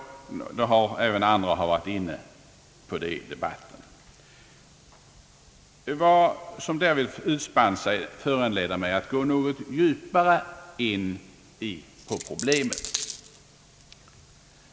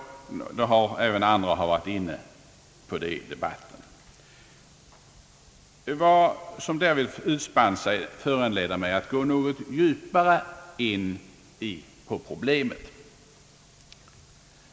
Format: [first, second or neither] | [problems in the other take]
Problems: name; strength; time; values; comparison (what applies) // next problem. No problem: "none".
second | background sound (Coin (dropping)); 8 dB below the speech